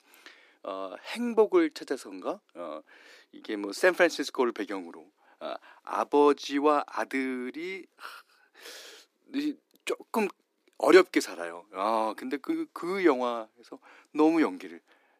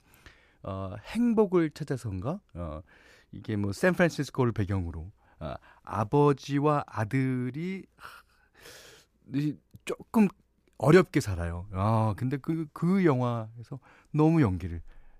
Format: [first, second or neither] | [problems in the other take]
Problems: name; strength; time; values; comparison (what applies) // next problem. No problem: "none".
second | thin; somewhat; fading below 300 Hz